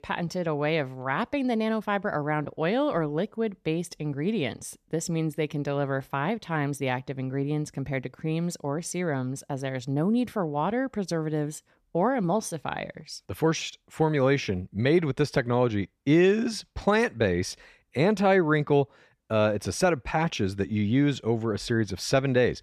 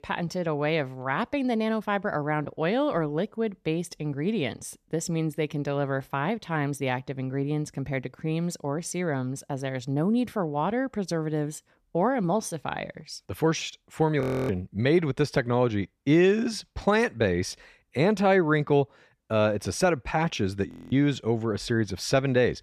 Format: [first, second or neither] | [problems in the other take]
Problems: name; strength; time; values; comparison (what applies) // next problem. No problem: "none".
first | audio freezing; at 14 s and at 21 s